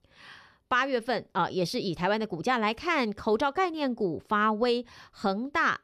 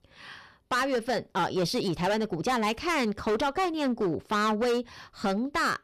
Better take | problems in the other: first | distortion; heavy; 14% of the sound clipped

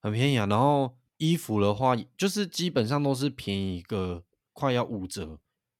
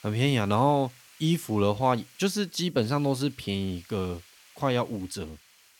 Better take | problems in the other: first | hiss; faint; throughout; 25 dB below the speech

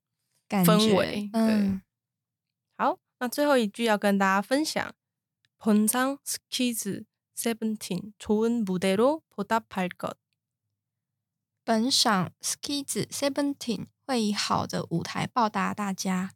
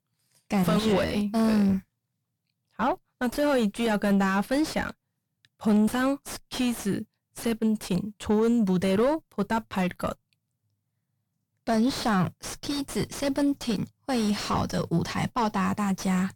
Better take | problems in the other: first | distortion; heavy; 5 dB below the speech

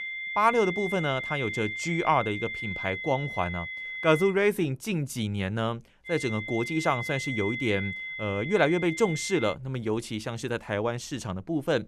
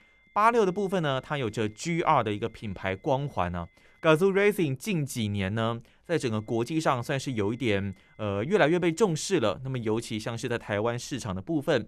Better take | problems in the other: second | high-pitched whine; loud; until 4.5 s and from 6 to 9.5 s; 2 kHz, 5 dB below the speech; faint in the second

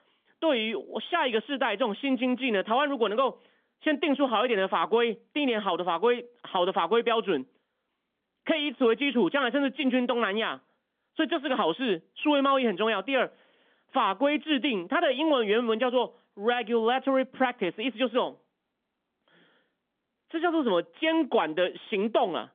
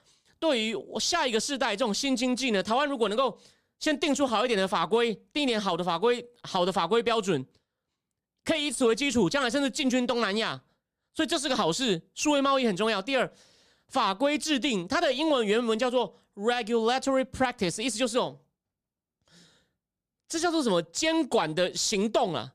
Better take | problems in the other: second | phone-call audio; nothing above 3.5 kHz

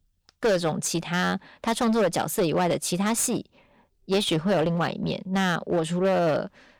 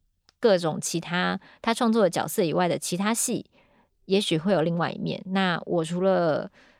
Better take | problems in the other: second | distortion; slight; 11% of the sound clipped

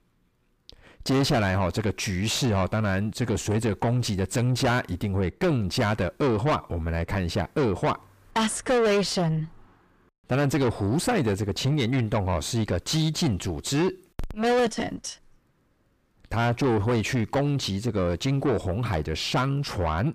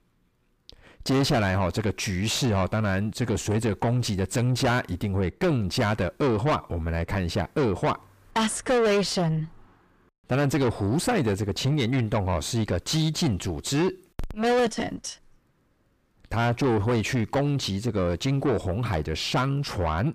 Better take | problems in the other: neither | distortion; heavy; 6 dB below the speech; the same in both

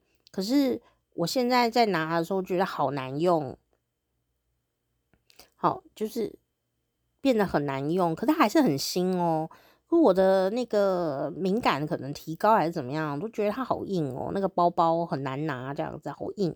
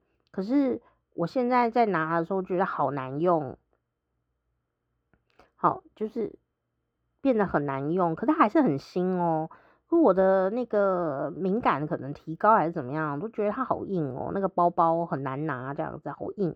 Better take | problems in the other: first | muffled; very; fading above 4 kHz

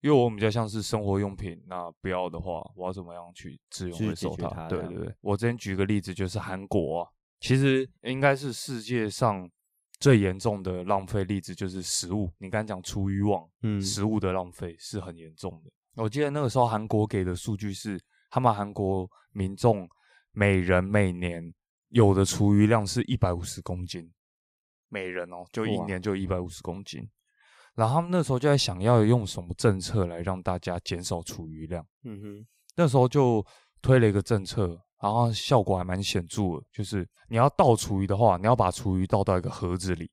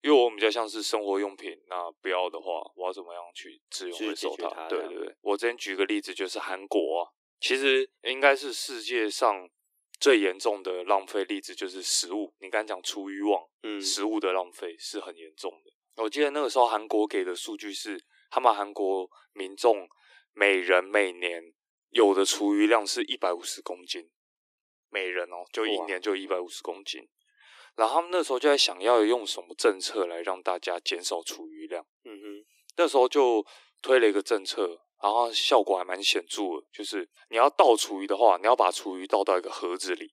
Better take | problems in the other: first | thin; very; fading below 300 Hz

